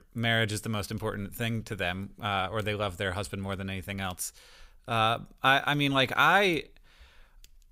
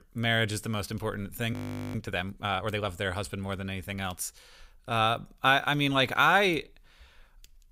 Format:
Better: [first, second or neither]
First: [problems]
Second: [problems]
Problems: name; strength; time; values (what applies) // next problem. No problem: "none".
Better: first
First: none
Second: audio freezing; at 1.5 s